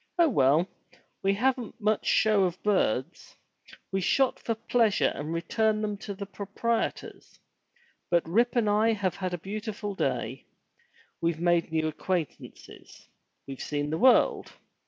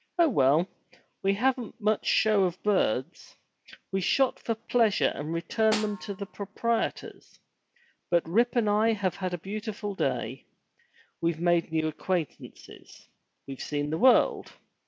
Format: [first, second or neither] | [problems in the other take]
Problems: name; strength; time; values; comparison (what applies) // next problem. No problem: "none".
first | background sound (Snare drum); 12 dB below the speech